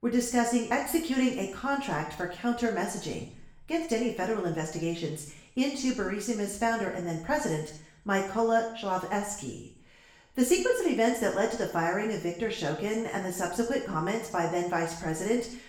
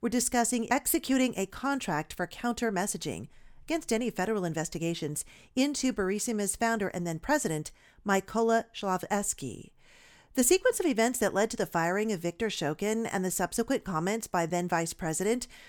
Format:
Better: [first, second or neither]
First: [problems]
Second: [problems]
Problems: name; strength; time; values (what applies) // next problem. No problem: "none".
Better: second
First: room echo; noticeable; dies away in 0.6 s // off-mic speech; far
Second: none